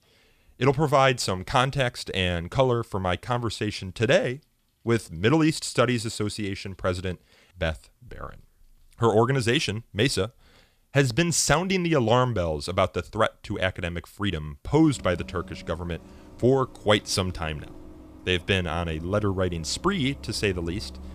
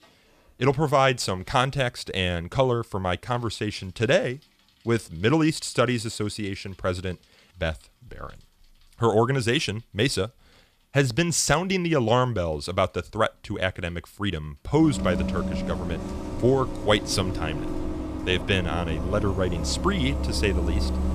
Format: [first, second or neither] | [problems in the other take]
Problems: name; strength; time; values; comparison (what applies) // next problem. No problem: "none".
first | traffic noise; loud; throughout; 6 dB below the speech; faint in the first